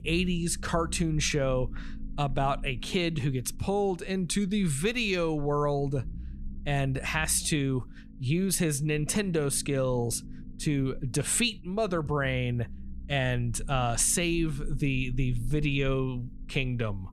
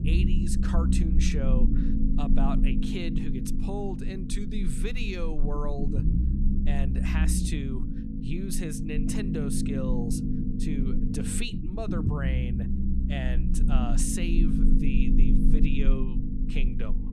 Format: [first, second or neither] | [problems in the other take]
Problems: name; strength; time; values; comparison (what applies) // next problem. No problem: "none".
first | low rumble; loud; throughout; 1 dB below the speech; faint in the first